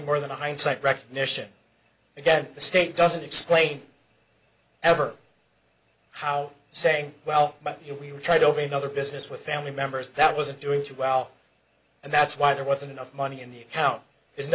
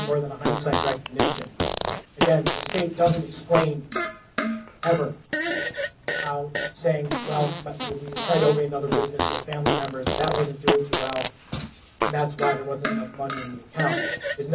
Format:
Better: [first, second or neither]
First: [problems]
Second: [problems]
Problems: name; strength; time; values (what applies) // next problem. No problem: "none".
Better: first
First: none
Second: background sound (Fart); 2 dB below the speech // room echo; dies away in 0.4 s